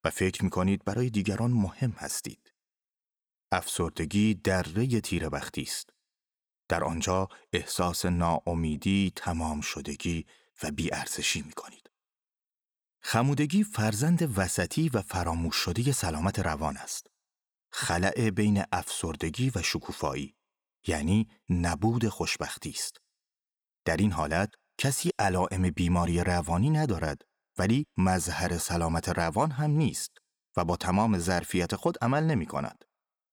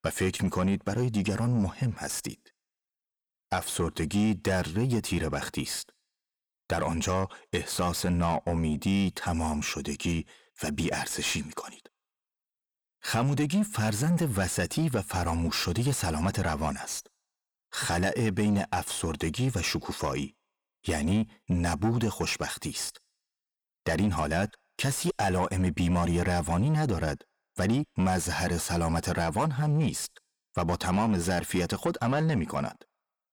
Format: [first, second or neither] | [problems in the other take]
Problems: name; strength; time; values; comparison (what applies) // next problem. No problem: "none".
first | distortion; slight; 10 dB below the speech